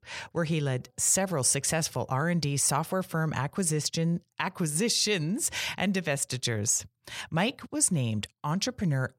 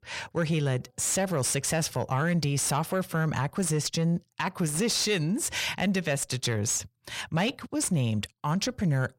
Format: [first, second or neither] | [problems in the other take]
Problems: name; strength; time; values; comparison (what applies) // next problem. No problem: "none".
first | distortion; slight; 10 dB below the speech